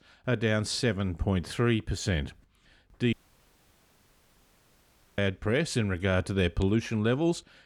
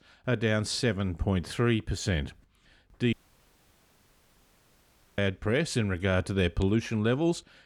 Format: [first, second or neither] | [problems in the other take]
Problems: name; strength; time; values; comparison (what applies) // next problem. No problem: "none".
neither | audio cutting out; at 3 s for 2 s; the same in both